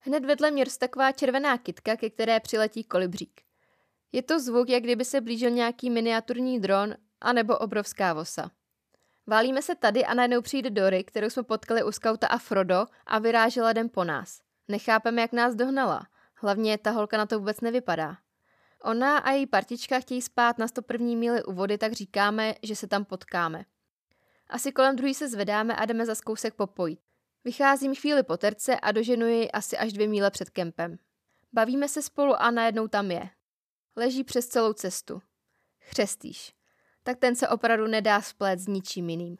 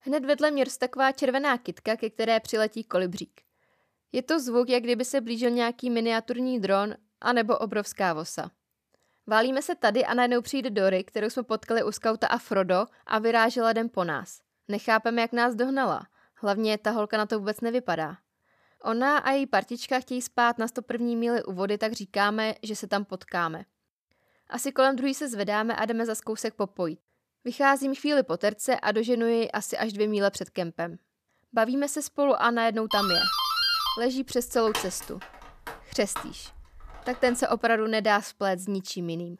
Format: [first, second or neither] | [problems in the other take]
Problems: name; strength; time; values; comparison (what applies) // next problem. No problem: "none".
first | doorbell; loud; from 33 to 37 s; peak 4 dB above the speech